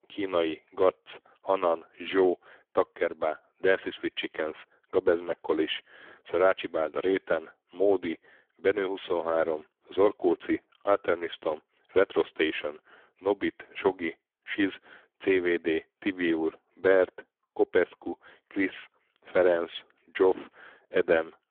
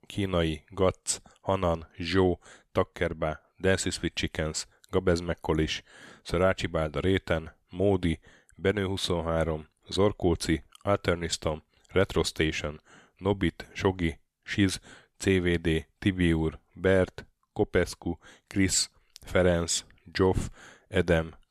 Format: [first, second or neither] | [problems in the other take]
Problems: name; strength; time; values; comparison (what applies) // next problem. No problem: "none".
second | phone-call audio; poor line